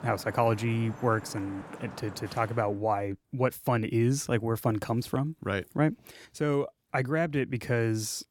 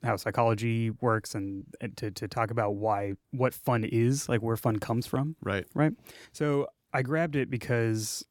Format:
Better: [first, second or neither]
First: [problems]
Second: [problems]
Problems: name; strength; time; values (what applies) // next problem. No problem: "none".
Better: second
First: traffic noise; noticeable; until 2.5 s; 15 dB below the speech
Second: none